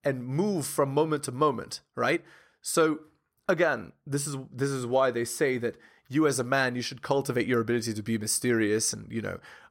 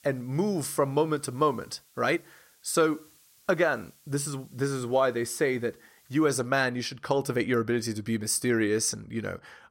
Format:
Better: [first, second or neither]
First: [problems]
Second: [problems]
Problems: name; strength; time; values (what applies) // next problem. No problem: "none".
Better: first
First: none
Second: hiss; faint; until 6.5 s; 30 dB below the speech